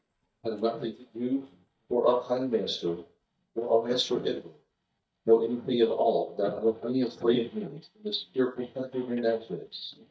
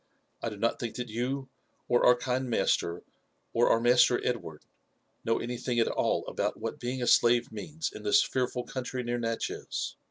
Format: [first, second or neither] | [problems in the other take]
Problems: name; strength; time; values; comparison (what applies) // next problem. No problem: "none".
second | noise reduction (neural mask model DeepFilterNet 3)